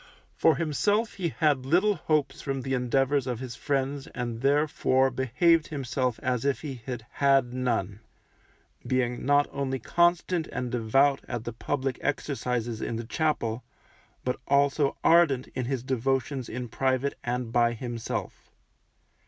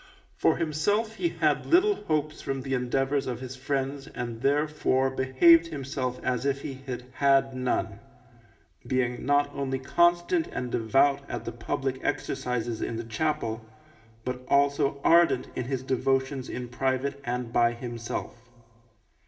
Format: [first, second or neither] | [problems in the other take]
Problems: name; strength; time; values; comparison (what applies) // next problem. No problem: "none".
first | room echo; dies away in 2.6 s